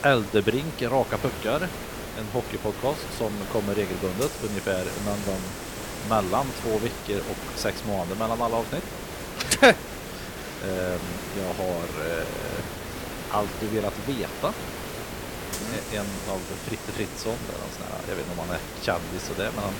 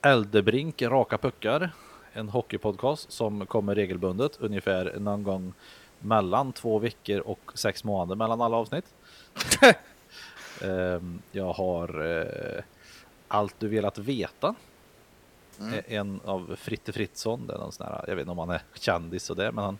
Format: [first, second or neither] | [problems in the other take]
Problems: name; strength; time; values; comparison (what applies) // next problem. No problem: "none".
second | hiss; loud; throughout; 7 dB below the speech; faint in the second